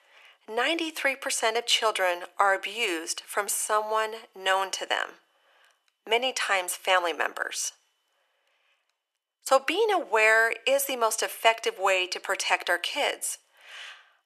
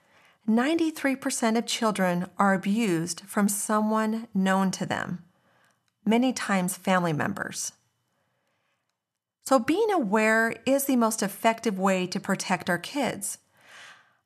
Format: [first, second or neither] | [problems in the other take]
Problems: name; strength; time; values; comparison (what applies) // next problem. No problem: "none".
second | thin; very; fading below 400 Hz